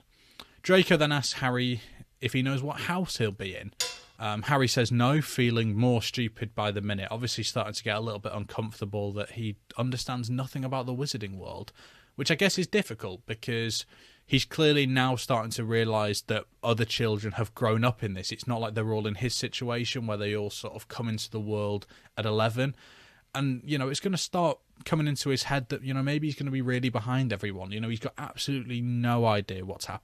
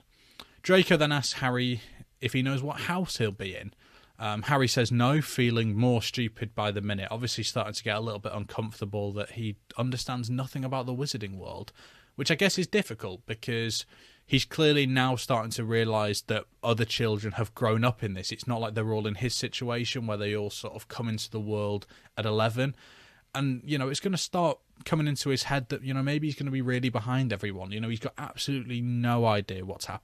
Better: second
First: clattering dishes; noticeable; at 4 s; peak 3 dB below the speech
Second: none

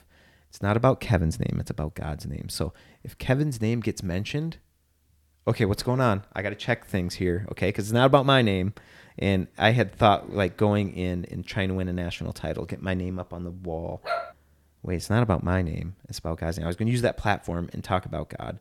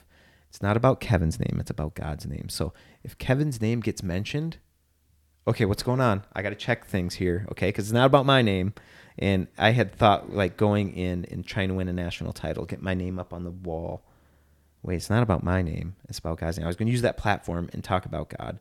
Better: second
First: dog barking; noticeable; at 14 s; peak 5 dB below the speech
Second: none

